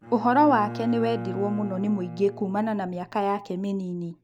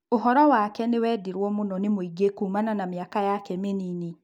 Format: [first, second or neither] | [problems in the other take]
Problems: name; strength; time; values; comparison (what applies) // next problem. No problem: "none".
second | background sound (Bowed string instrument); 12 dB below the speech